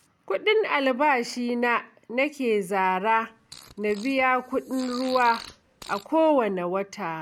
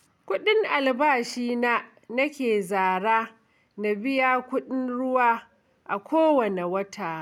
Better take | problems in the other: second | background sound (Fart); 19 dB below the speech

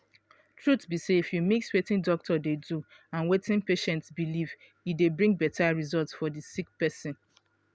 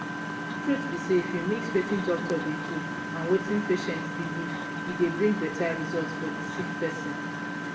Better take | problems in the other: first | background sound (Engine); 3 dB below the speech // room echo; dies away in 0.7 s

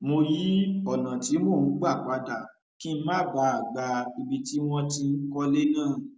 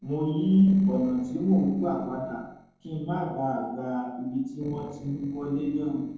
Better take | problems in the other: first | noise reduction (neural separator model SepFormer DNS4)

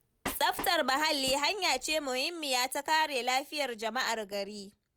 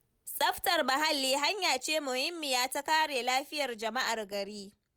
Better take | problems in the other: second | background sound (Train); 13 dB below the speech

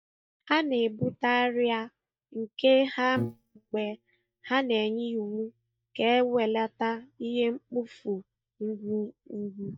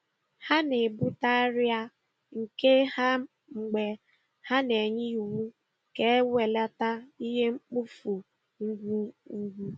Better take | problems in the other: second | noise reduction (neural mask model DeepFilterNet 3)

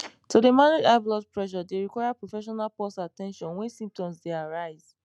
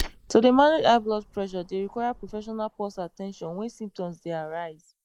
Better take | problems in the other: first | noise reduction (neural mask model Resemble Enhance denoiser)

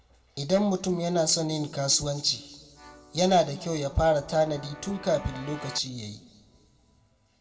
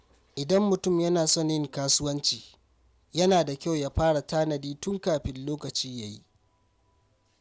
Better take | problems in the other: second | background sound (Keyboard (musical)); 17 dB below the speech // room echo; dies away in 1.2 s

